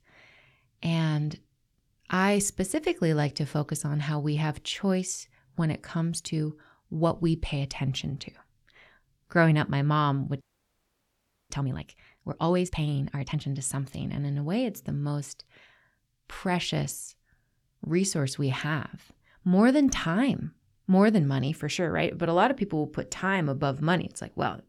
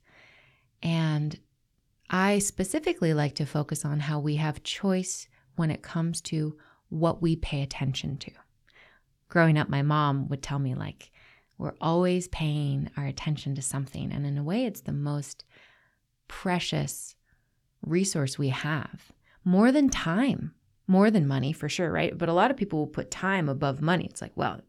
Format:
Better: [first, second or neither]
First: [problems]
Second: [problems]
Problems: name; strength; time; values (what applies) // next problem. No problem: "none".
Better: second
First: audio freezing; at 10 s for 1 s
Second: none